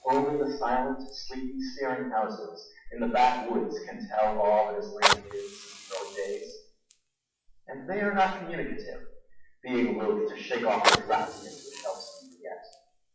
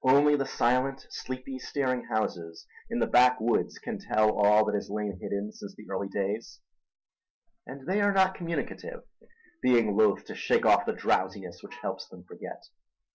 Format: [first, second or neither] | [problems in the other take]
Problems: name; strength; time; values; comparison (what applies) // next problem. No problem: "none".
second | noise reduction (classical method WPE with log-MMSE)